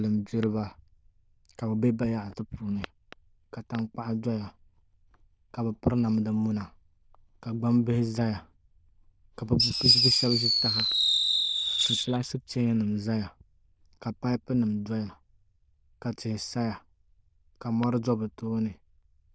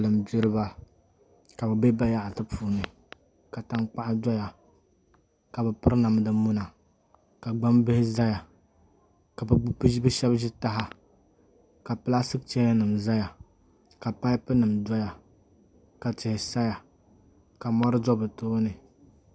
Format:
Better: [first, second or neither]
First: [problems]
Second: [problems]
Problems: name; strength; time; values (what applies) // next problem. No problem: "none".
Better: second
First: noise reduction (neural diffusion model UNIVERSE++)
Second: none